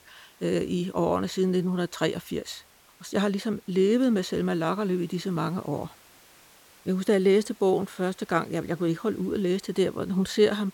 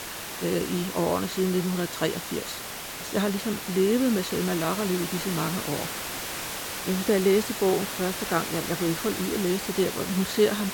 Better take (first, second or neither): first